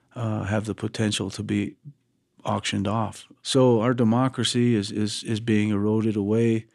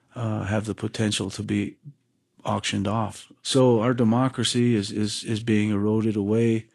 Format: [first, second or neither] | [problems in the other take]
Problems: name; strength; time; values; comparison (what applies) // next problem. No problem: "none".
first | garbled, watery; slightly